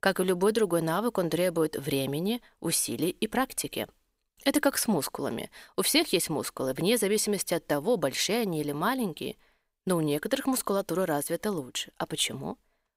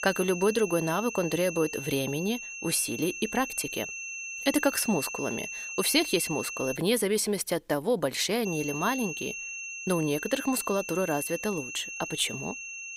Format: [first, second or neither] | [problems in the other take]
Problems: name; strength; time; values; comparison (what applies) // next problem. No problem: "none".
first | high-pitched whine; loud; until 7 s and from 8.5 s on; 2.5 kHz, 7 dB below the speech